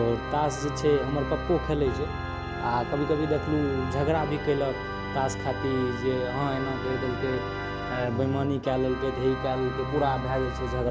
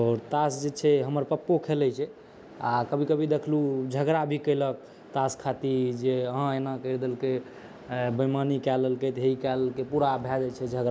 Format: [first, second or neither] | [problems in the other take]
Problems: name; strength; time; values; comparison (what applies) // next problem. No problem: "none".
second | background sound (Organ); 4 dB below the speech